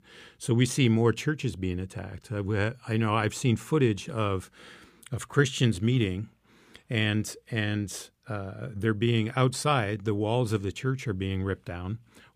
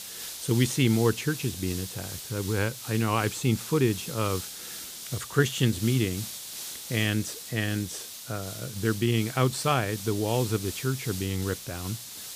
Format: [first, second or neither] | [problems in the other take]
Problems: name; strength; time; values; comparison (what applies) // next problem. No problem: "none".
first | hiss; loud; throughout; 9 dB below the speech